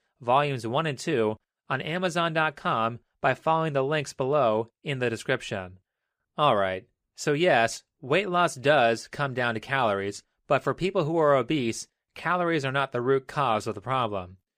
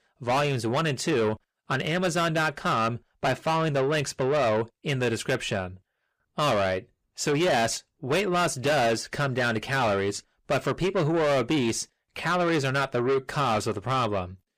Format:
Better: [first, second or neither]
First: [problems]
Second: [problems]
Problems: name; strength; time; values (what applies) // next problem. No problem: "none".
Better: first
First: none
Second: distortion; heavy; 7 dB below the speech